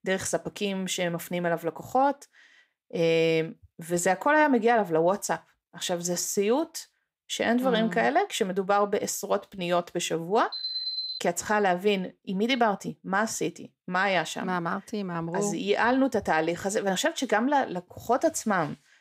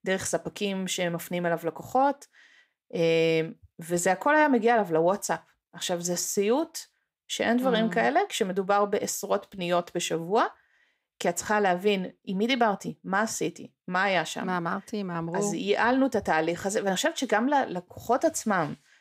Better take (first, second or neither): second